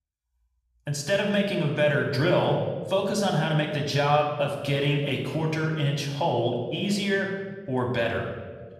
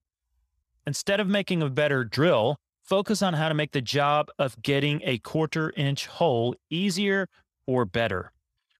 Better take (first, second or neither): second